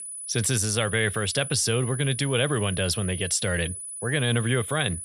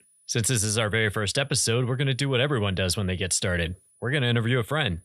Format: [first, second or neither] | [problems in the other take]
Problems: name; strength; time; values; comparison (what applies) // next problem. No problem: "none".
second | high-pitched whine; loud; throughout; 10 kHz, 8 dB below the speech; faint in the second